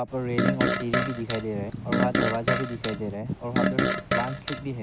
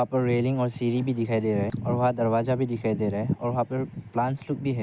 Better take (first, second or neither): second